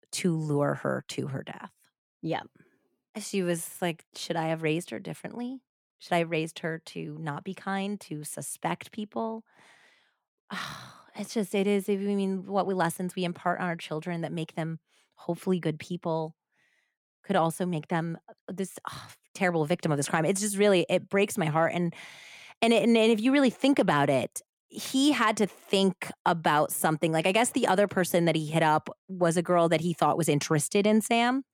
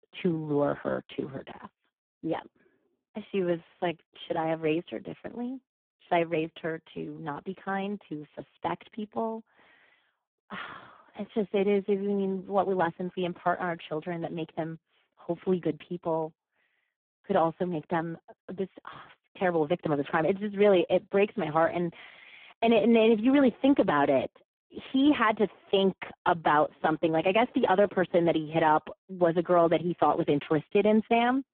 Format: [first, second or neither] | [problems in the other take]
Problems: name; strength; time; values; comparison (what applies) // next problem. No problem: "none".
first | phone-call audio; poor line